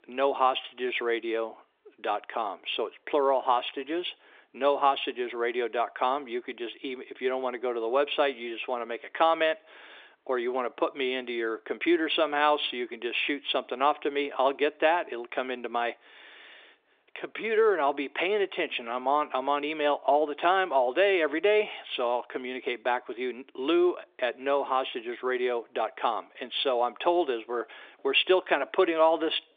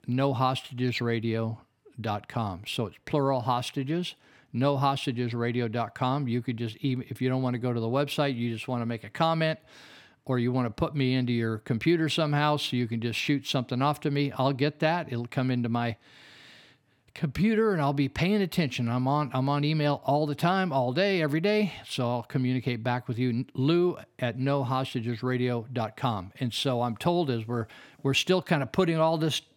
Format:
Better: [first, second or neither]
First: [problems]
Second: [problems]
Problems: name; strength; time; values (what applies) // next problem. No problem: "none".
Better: second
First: phone-call audio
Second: none